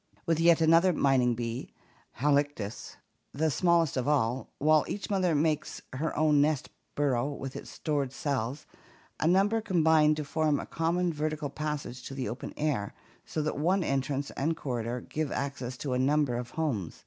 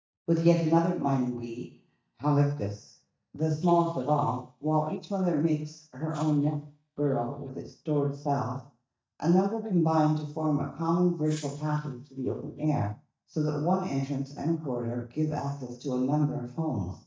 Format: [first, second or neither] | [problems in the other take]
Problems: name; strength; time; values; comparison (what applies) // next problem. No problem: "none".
first | noise reduction (neural mask model DeepFilterNet 3)